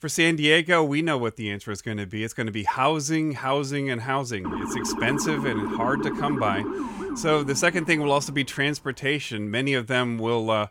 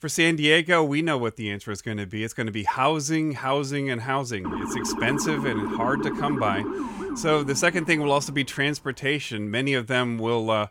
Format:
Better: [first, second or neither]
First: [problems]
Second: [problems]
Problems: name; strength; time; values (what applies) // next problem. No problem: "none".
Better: neither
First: siren; noticeable; from 4.5 to 8.5 s; peak 4 dB below the speech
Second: siren; noticeable; from 4.5 to 8.5 s; peak 4 dB below the speech